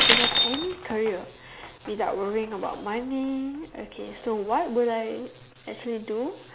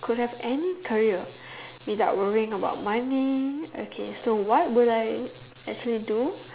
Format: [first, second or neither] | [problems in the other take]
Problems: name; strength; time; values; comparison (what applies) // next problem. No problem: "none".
second | background sound (Shatter); 1 dB below the speech